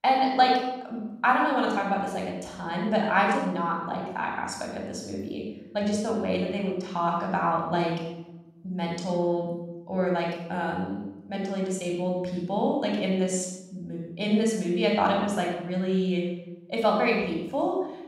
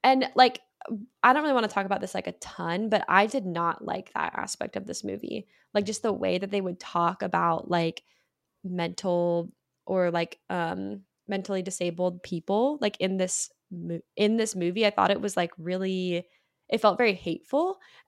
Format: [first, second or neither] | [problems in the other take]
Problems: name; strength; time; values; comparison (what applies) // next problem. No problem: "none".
second | room echo; noticeable; dies away in 0.9 s // off-mic speech; somewhat distant